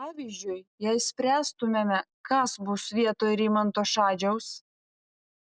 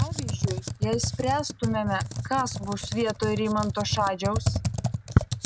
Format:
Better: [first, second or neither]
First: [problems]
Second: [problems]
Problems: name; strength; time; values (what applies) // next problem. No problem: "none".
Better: first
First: none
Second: background sound (Computer keyboard); as loud as the speech